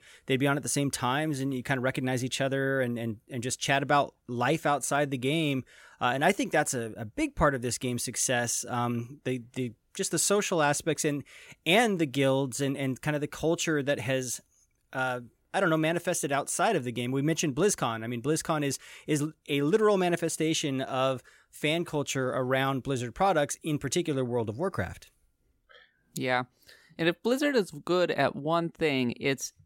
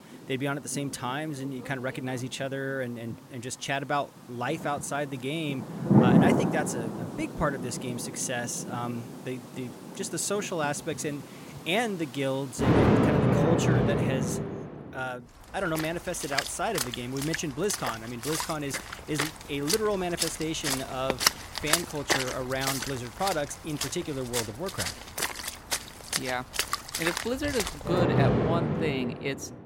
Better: first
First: none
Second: rain or running water; very loud; throughout; 3 dB above the speech

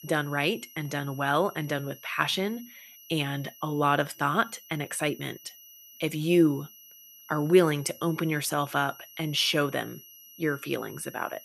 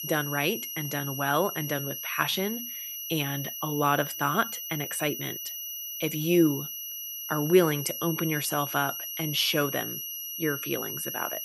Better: first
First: high-pitched whine; faint; throughout; 11.5 kHz, 20 dB below the speech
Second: high-pitched whine; loud; throughout; 11.5 kHz, 5 dB below the speech

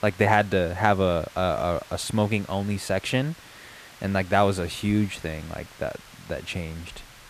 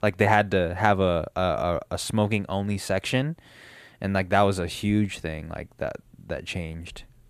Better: second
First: hiss; faint; throughout; 20 dB below the speech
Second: none

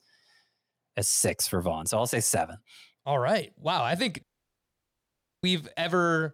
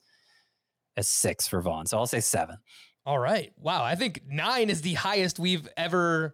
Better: second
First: audio cutting out; at 4 s for 1 s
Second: none

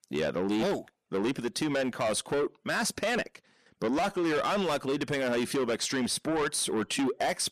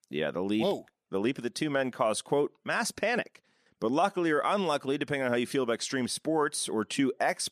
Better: second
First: distortion; heavy; 8 dB below the speech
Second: none

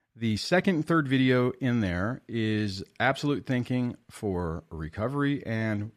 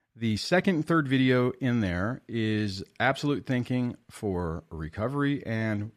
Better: neither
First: none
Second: none

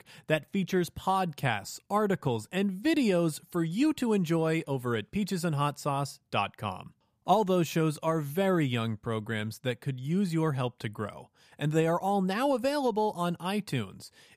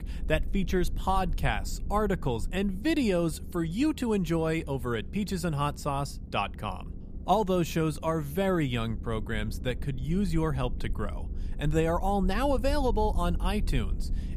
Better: first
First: none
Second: low rumble; faint; throughout; 20 dB below the speech

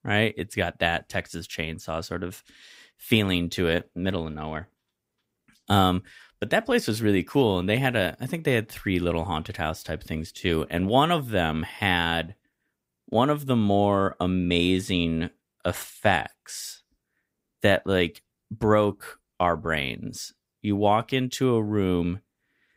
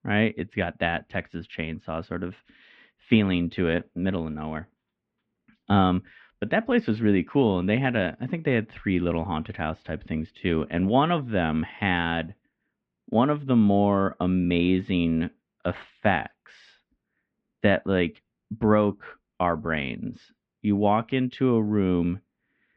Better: first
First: none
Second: muffled; very; fading above 3 kHz

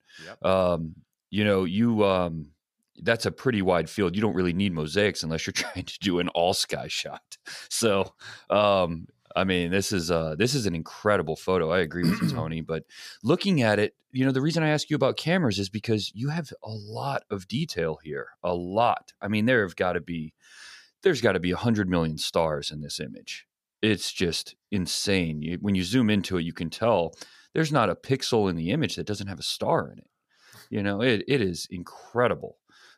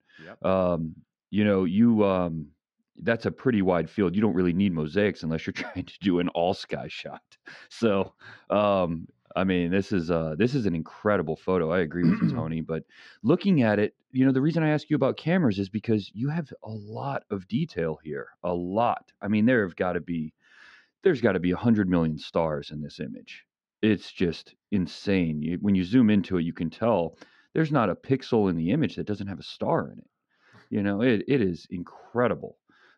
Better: first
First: none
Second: muffled; slightly; fading above 2.5 kHz

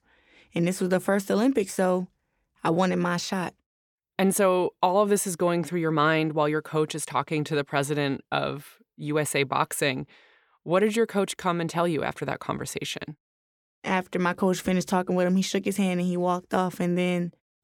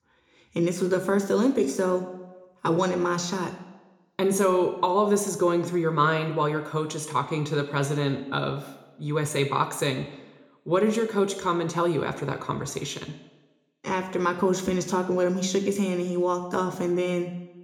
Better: first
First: none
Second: room echo; slight; dies away in 0.7 s

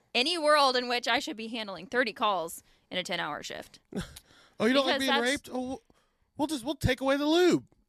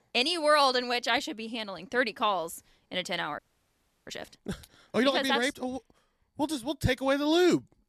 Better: first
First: none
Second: audio freezing; at 3.5 s for 0.5 s

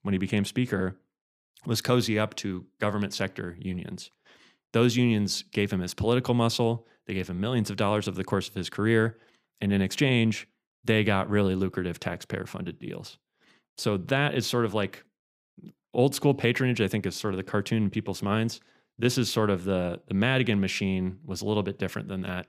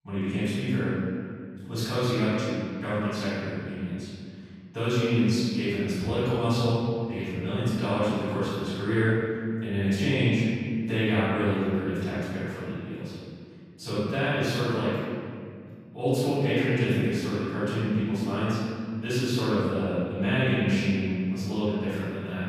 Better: first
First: none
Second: off-mic speech; far // room echo; strong; dies away in 2.1 s

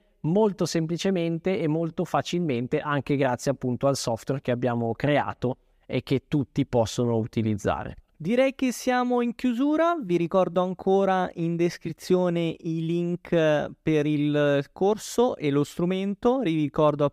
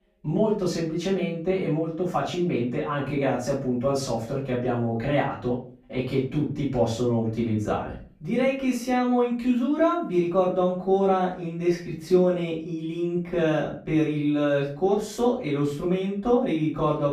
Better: first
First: none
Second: off-mic speech; far // room echo; noticeable; dies away in 0.3 s

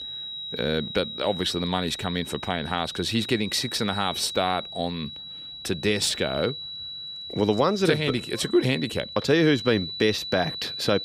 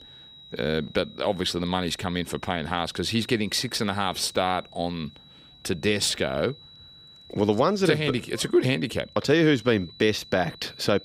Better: second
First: high-pitched whine; loud; throughout; 4 kHz, 9 dB below the speech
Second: high-pitched whine; faint; throughout; 4 kHz, 20 dB below the speech

